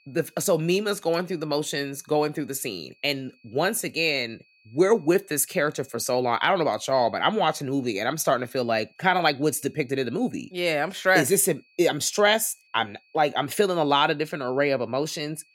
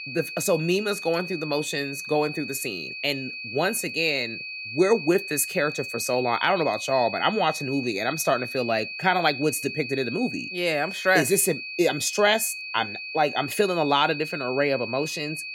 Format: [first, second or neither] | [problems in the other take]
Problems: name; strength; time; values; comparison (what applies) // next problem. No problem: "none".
first | high-pitched whine; loud; throughout; 2.5 kHz, 8 dB below the speech; faint in the first